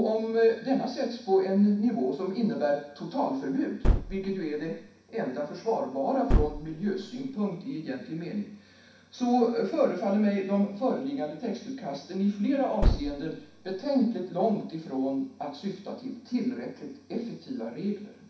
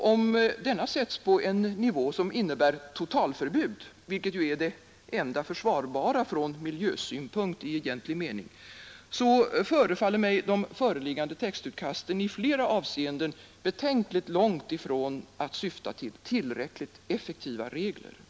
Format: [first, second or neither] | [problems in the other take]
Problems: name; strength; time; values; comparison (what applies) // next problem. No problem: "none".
second | background sound (Gunshot, gunfire); 1 dB above the speech // room echo; dies away in 0.6 s